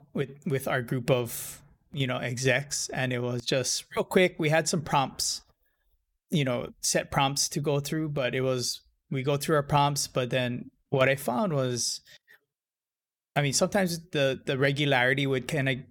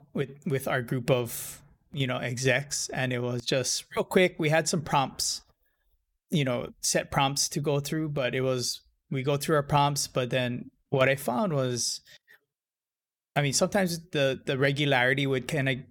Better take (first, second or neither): neither